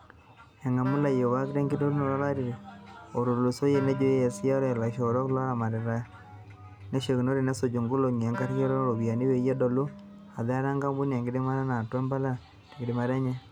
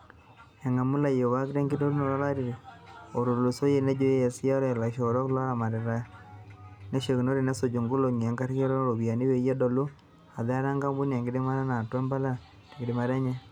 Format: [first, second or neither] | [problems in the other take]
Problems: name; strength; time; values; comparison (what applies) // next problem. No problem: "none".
second | background sound (Wind instrument, woodwind instrument); 15 dB below the speech